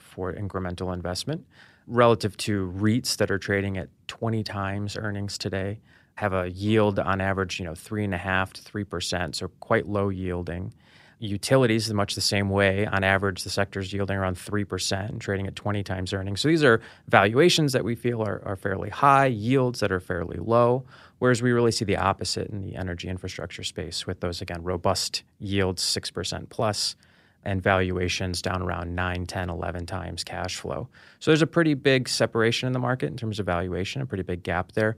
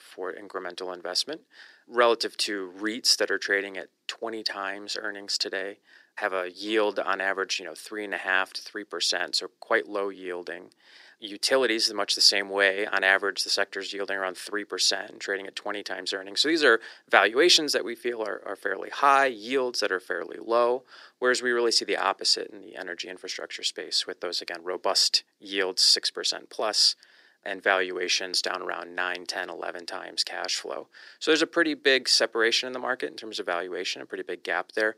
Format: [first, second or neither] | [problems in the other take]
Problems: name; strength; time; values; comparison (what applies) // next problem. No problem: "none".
first | thin; very; fading below 350 Hz